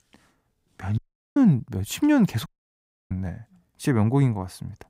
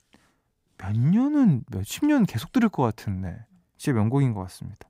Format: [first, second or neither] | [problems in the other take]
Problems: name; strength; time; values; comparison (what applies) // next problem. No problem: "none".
second | audio cutting out; at 1 s and at 2.5 s for 0.5 s